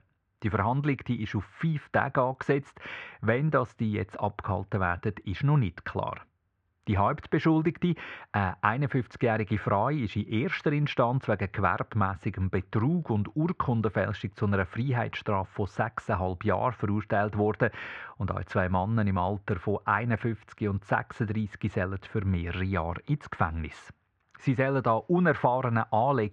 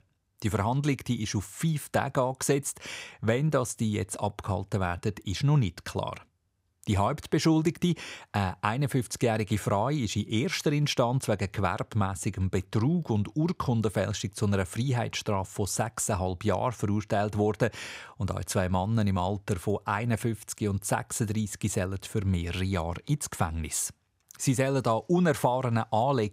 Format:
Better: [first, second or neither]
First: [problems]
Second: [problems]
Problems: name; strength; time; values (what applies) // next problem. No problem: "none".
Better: second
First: muffled; very; fading above 2.5 kHz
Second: none